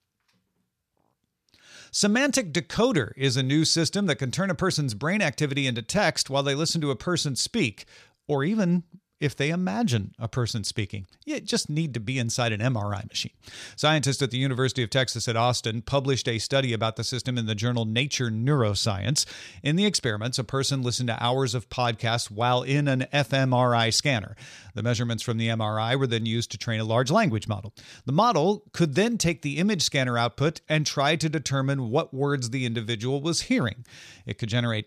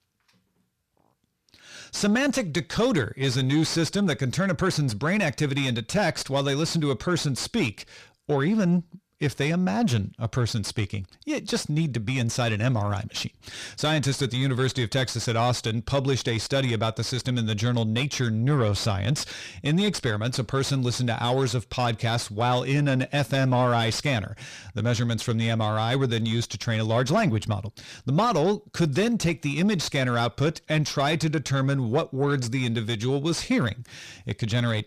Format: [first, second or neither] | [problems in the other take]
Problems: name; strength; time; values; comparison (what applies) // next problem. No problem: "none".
first | distortion; slight; 10 dB below the speech